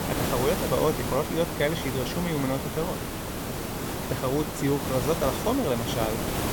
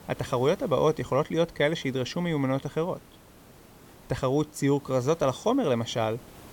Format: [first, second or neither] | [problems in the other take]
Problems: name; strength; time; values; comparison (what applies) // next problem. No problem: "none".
second | hiss; loud; throughout; 2 dB below the speech; faint in the second